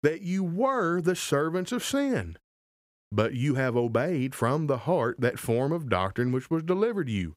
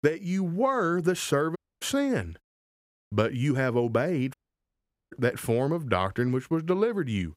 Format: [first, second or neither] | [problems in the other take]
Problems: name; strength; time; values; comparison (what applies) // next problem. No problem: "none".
first | audio cutting out; at 1.5 s and at 4.5 s for 1 s